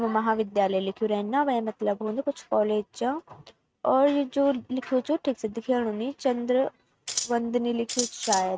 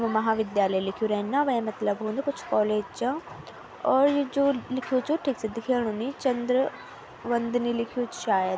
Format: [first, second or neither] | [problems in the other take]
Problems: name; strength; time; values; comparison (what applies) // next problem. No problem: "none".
second | noise reduction (neural mask model RNNoise)